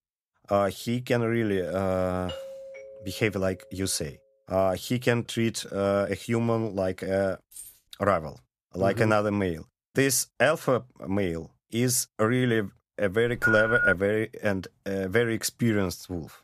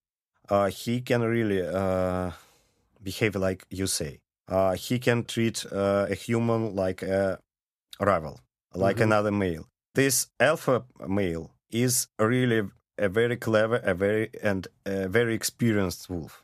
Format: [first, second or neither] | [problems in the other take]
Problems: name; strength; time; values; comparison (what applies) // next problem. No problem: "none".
second | doorbell; faint; from 2.5 to 4 s; peak 10 dB below the speech // jangling keys; faint; at 7.5 s; peak 15 dB below the speech // phone ringing; loud; at 13 s; peak 3 dB above the speech